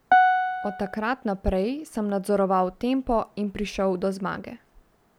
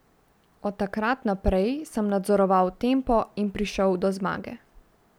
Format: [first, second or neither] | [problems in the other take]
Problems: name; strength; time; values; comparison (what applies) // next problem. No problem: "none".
second | background sound (Piano); 3 dB above the speech